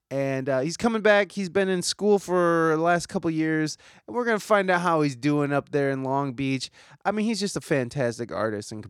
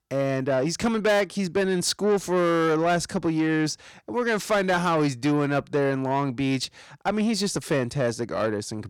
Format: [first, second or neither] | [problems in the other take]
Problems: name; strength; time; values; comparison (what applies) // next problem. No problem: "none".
first | distortion; slight; 10 dB below the speech